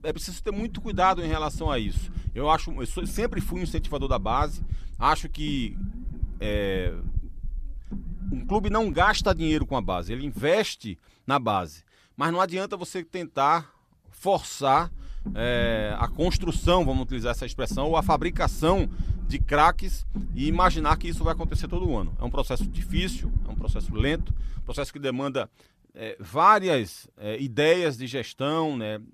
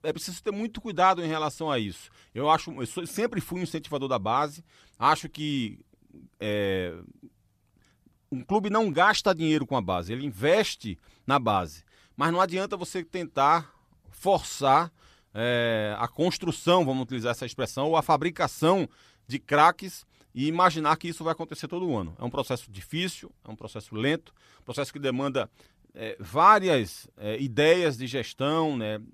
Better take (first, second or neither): second